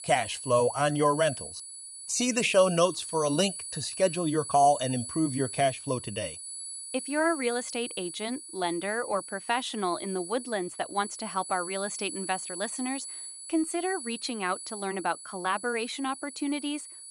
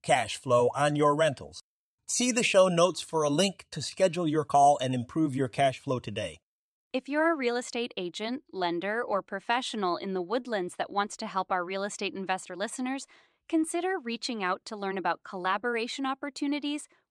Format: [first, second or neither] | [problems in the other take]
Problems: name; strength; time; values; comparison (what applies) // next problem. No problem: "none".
second | high-pitched whine; loud; throughout; 10.5 kHz, 9 dB below the speech